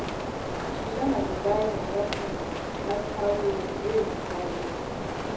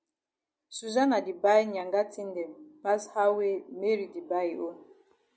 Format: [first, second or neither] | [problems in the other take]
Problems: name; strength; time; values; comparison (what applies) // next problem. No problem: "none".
second | background sound (Rain); 1 dB below the speech // room echo; dies away in 0.7 s